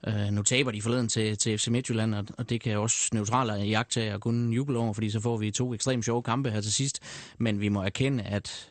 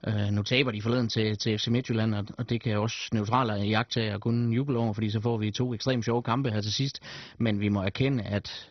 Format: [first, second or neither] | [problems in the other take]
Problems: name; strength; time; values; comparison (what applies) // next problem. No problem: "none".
first | garbled, watery; badly; nothing above 6 kHz; slightly in the first